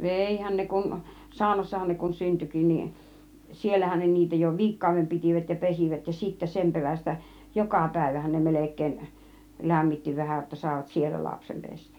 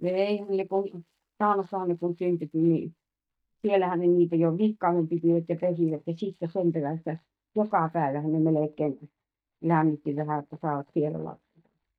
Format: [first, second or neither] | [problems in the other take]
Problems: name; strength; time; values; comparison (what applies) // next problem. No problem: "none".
first | noise reduction (neural mask model DeepFilterNet 3)